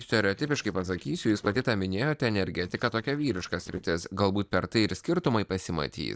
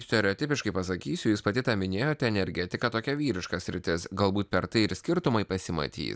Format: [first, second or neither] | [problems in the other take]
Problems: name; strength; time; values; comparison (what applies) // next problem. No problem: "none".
second | noise reduction (neural separator model SepFormer DNS4)